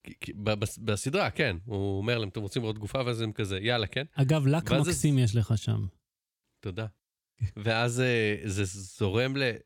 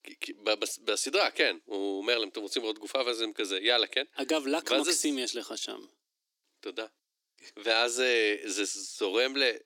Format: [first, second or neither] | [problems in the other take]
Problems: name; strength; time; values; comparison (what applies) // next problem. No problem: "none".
first | thin; somewhat; fading below 300 Hz